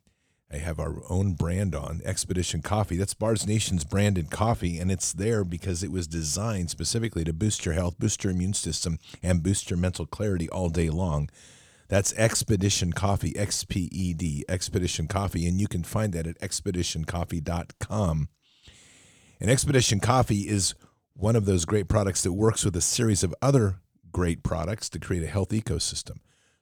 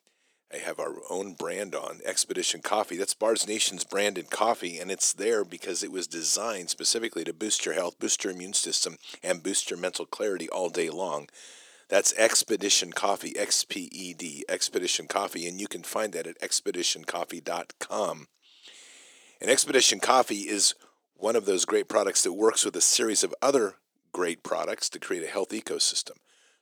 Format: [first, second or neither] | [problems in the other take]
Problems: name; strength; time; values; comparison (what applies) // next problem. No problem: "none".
first | thin; very; fading below 300 Hz